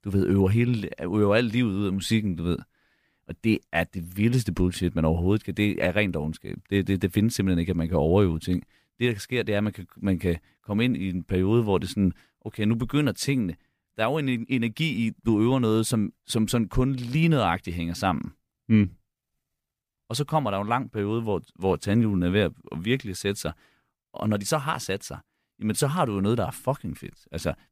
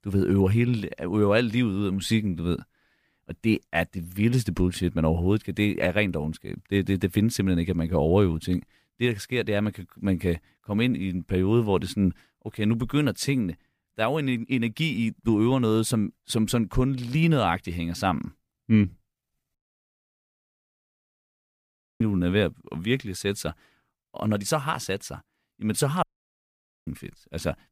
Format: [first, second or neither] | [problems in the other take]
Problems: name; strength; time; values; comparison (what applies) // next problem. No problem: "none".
first | audio cutting out; at 20 s for 2.5 s and at 26 s for 1 s